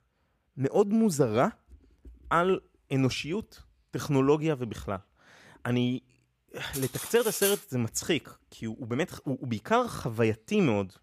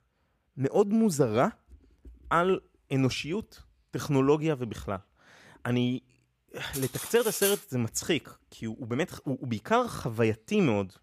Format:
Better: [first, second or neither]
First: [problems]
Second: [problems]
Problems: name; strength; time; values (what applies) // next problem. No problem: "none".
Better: neither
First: clattering dishes; noticeable; at 6.5 s; peak 2 dB below the speech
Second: clattering dishes; noticeable; at 6.5 s; peak 2 dB below the speech